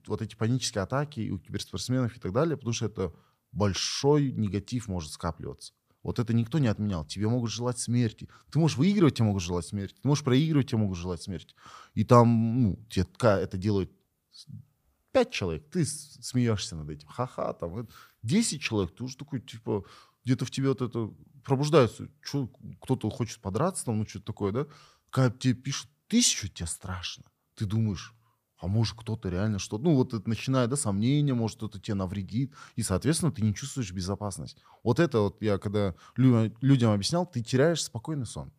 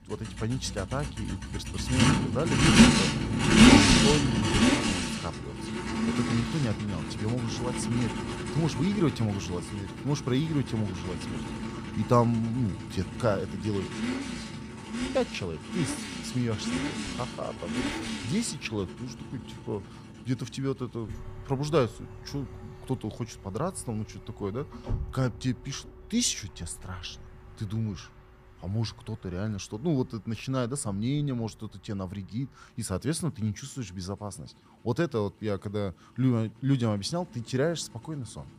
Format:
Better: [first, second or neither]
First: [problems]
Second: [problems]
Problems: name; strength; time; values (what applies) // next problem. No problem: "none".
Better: first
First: none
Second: traffic noise; very loud; throughout; 4 dB above the speech